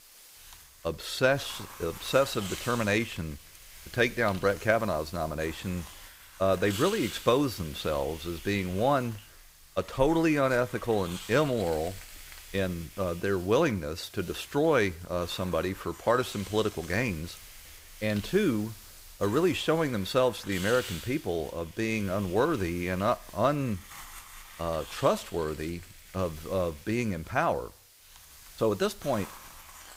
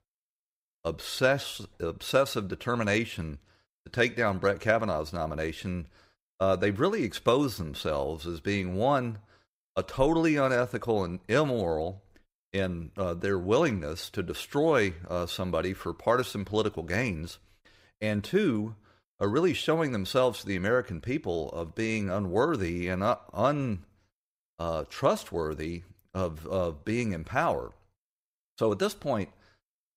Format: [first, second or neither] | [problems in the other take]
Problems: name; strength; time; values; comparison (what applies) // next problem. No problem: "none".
second | hiss; noticeable; throughout; 15 dB below the speech